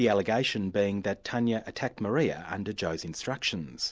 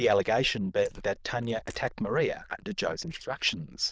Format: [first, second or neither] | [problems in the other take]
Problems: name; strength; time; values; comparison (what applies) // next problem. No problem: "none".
first | noise reduction (neural diffusion model UNIVERSE++)